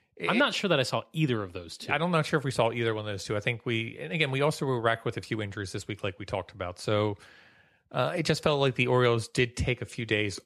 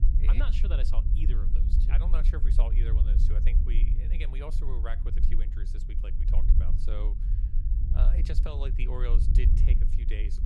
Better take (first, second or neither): first